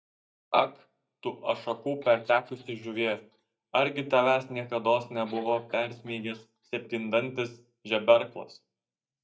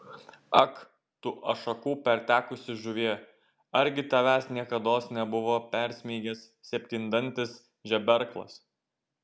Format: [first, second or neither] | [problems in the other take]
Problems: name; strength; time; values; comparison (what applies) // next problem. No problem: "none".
second | noise reduction (neural mask model DeepFilterNet 3)